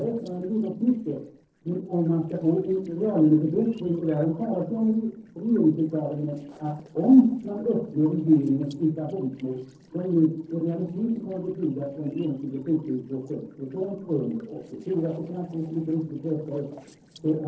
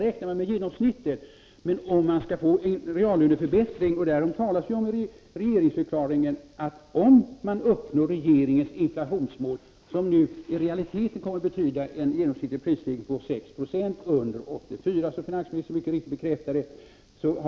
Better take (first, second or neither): second